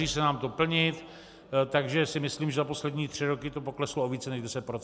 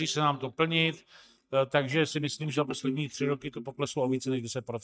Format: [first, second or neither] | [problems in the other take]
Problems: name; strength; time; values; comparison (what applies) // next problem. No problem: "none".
first | noise reduction (neural mask model DeepFilterNet 3)